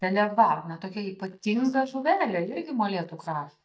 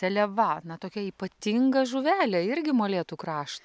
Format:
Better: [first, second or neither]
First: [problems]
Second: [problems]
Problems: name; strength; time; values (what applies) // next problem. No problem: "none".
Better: second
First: noise reduction (neural mask model DeepFilterNet 3)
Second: none